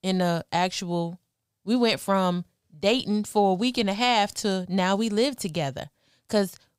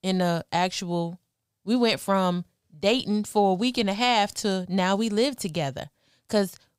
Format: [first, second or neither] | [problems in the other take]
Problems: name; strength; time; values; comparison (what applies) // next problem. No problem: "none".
neither | none